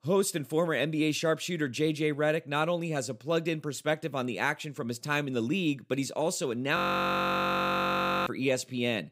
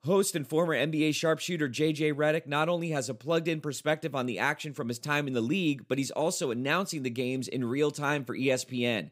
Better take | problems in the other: second | audio freezing; at 7 s for 1.5 s

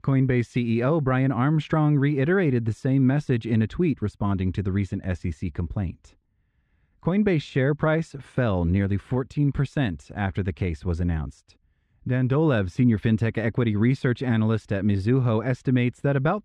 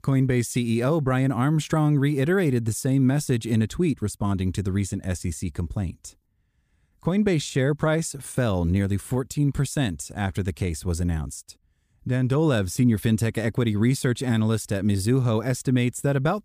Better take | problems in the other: second | muffled; very; fading above 2.5 kHz

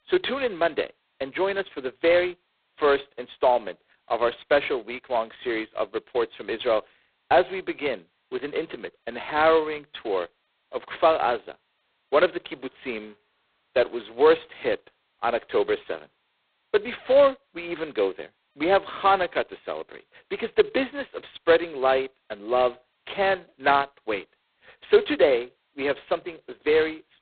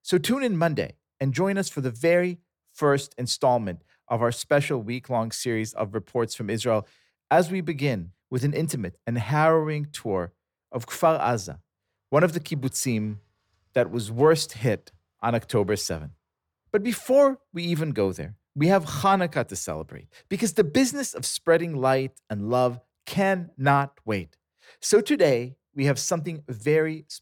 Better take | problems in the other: second | phone-call audio; poor line; nothing above 4 kHz

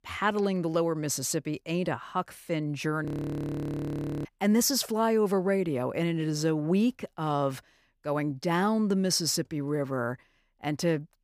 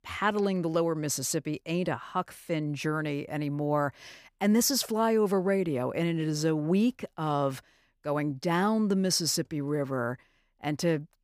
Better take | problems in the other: second | audio freezing; at 3 s for 1 s

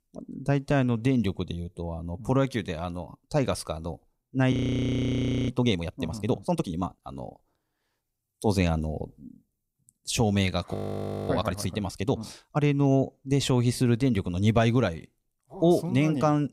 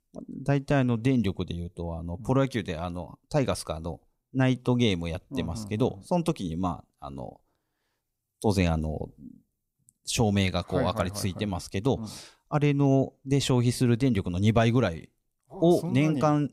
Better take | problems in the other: second | audio freezing; at 4.5 s for 1 s and at 11 s for 0.5 s

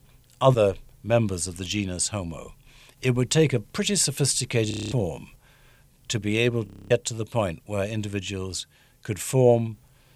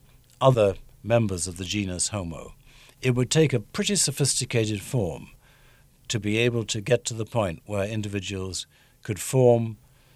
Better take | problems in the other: second | audio freezing; at 4.5 s and at 6.5 s

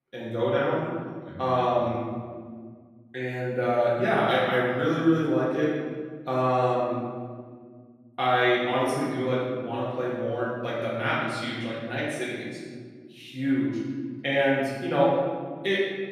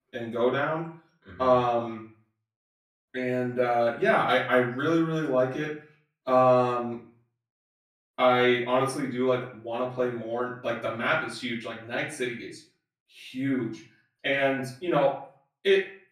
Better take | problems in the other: second | room echo; strong; dies away in 1.7 s; slight in the second // off-mic speech; far; far in the second

